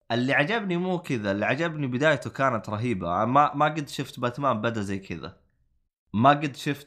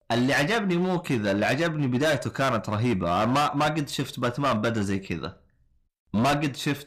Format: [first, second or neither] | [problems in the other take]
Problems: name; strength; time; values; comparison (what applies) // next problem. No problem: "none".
first | distortion; heavy; 13% of the sound clipped